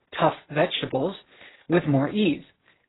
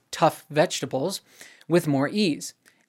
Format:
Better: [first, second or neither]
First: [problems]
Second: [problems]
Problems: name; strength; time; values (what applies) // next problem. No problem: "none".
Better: second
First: garbled, watery; badly; nothing above 4 kHz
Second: none